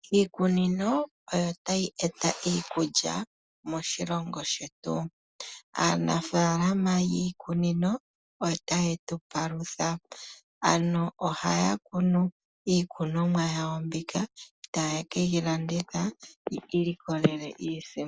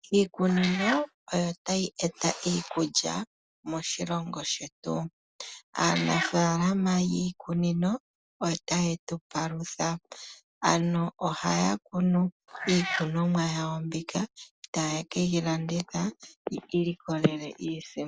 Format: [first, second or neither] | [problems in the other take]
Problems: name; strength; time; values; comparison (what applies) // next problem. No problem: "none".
first | background sound (Meow); 5 dB below the speech